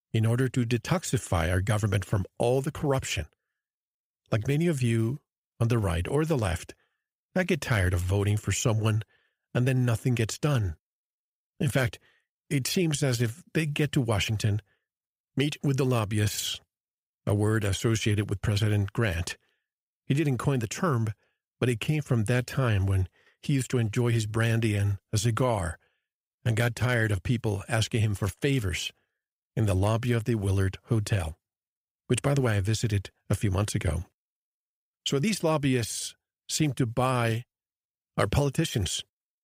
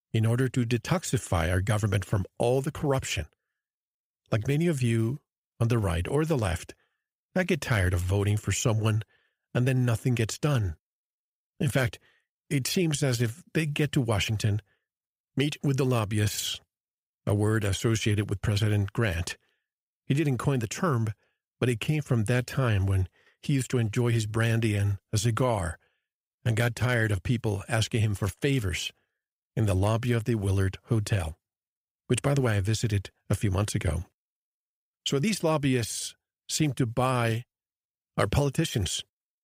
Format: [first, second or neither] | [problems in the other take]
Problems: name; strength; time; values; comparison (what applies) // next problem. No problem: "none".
neither | none